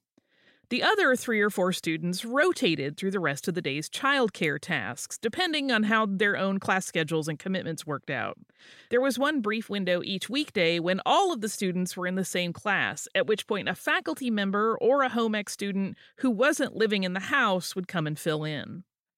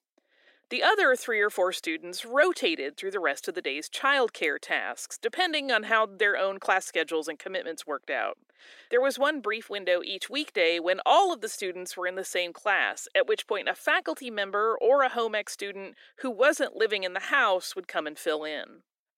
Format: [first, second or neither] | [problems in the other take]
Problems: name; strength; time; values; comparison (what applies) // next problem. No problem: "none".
first | thin; very; fading below 300 Hz